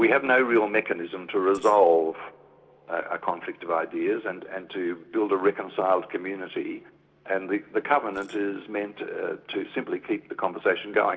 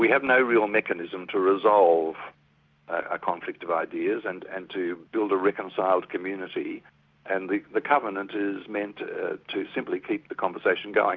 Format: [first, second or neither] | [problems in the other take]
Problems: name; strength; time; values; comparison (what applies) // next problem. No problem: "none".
second | noise reduction (neural separator model SepFormer DNS4)